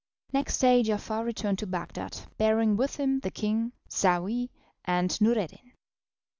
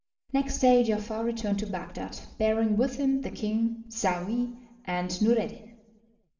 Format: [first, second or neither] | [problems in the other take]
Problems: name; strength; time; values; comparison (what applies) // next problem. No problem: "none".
first | room echo; dies away in 0.9 s